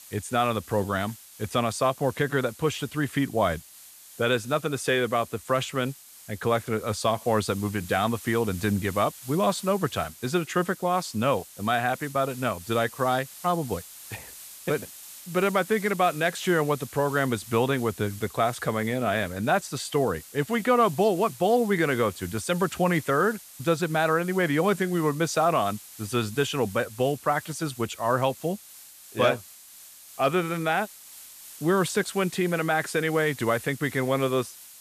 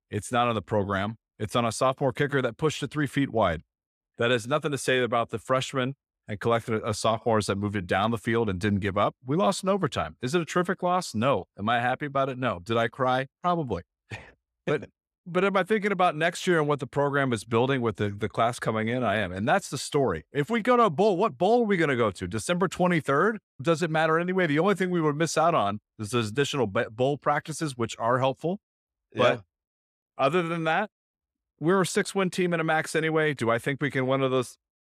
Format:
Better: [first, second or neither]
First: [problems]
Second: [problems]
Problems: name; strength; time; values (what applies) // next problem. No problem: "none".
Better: second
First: hiss; noticeable; throughout; 15 dB below the speech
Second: none